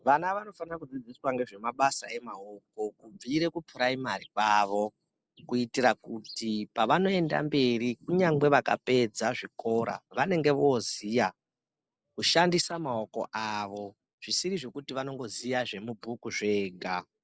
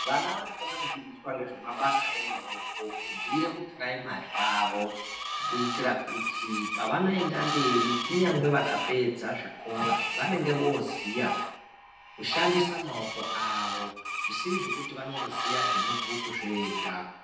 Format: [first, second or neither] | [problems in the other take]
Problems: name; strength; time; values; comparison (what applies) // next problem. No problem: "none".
first | background sound (Screech); 2 dB below the speech // room echo; dies away in 0.8 s